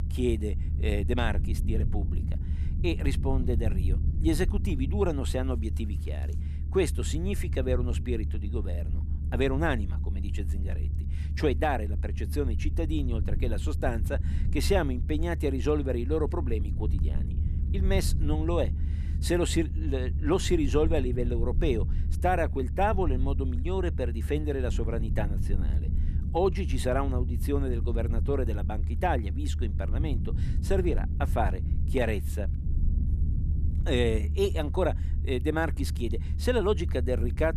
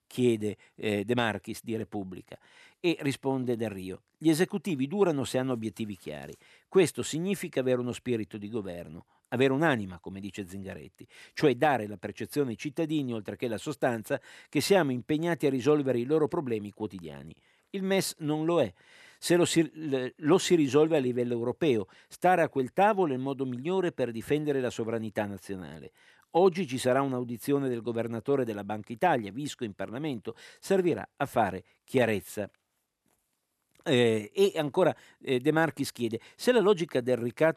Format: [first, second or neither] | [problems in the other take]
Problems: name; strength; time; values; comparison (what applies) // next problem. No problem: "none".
second | low rumble; noticeable; throughout; 15 dB below the speech